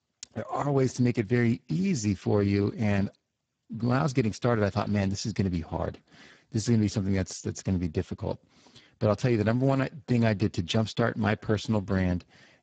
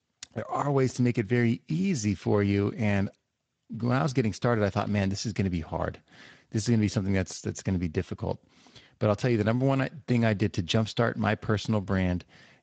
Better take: second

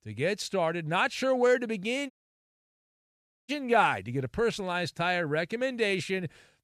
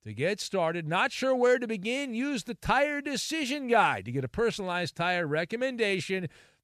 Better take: second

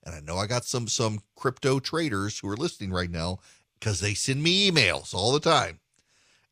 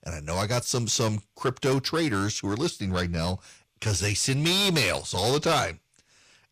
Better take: first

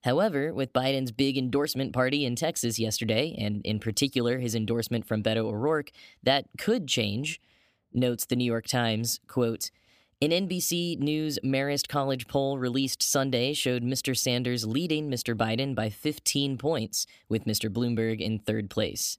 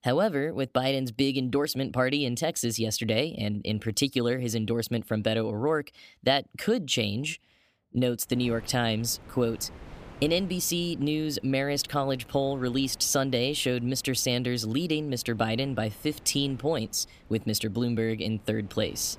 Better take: first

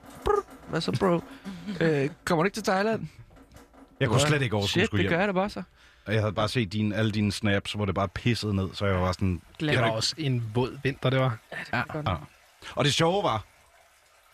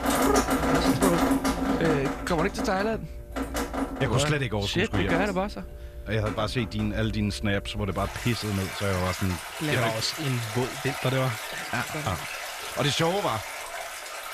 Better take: first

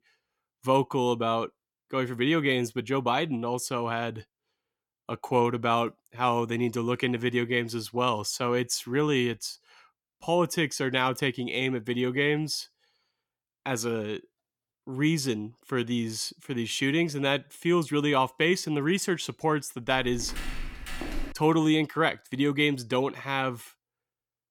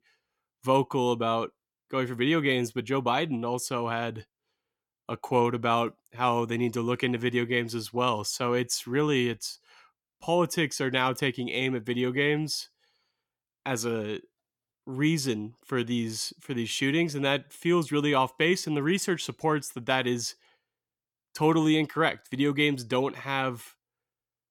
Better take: second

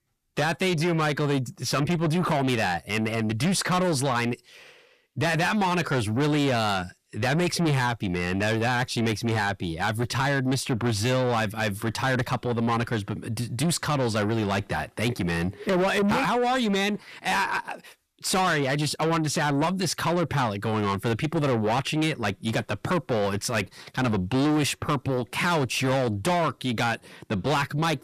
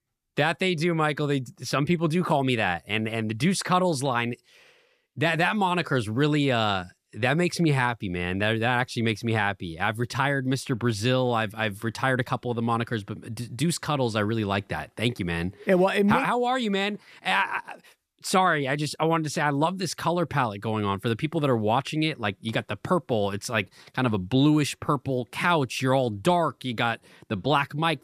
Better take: second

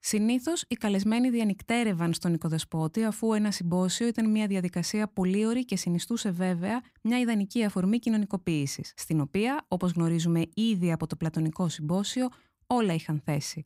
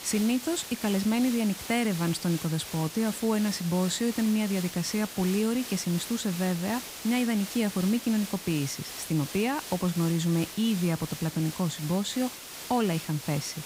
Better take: first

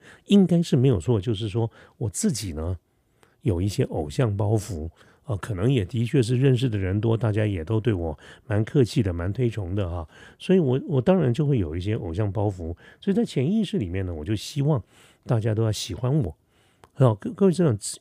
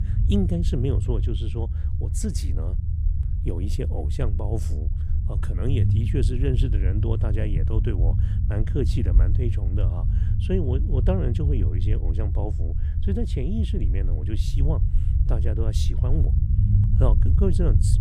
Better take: first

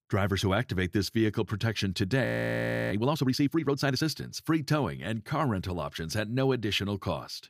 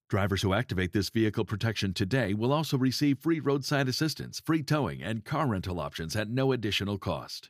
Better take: second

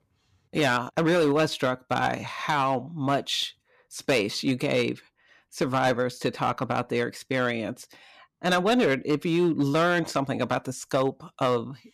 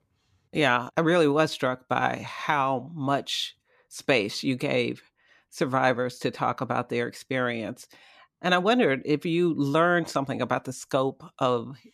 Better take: second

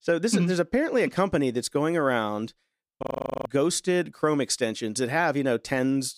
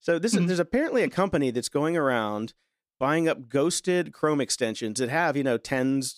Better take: second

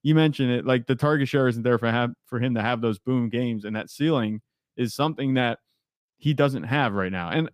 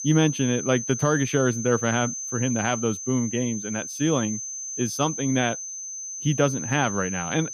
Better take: first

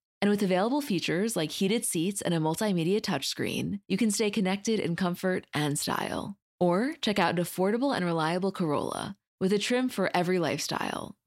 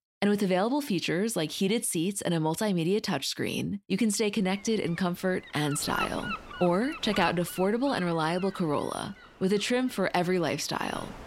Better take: first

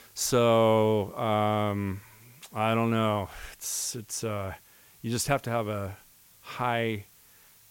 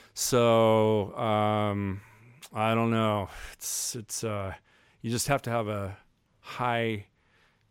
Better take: second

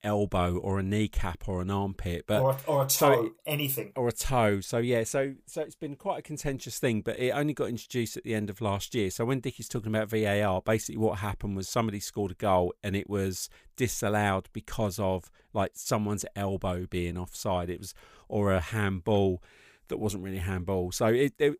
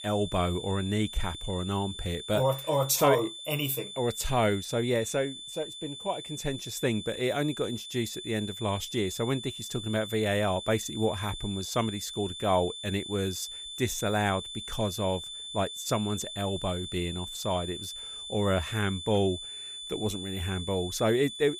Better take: first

